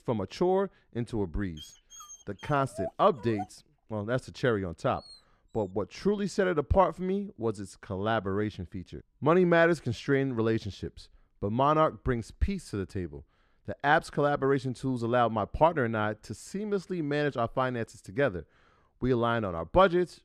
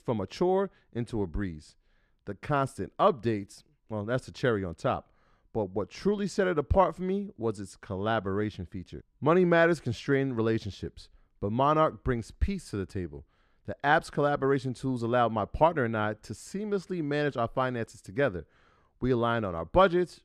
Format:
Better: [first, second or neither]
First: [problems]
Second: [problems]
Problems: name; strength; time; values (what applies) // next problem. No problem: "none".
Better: second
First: dog barking; faint; from 1.5 to 5 s; peak 10 dB below the speech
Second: none